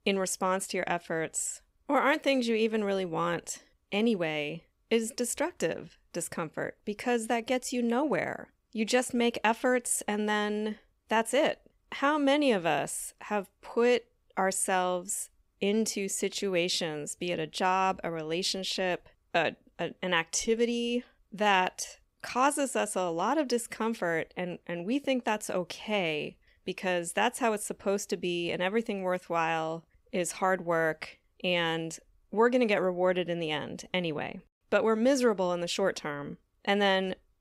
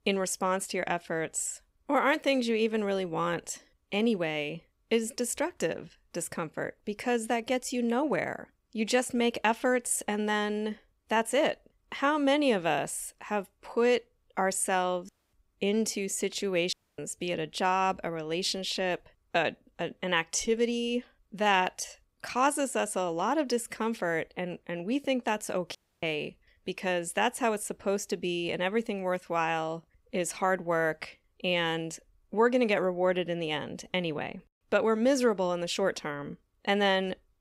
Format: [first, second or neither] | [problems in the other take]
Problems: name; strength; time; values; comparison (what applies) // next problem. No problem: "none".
first | audio cutting out; at 15 s, at 17 s and at 26 s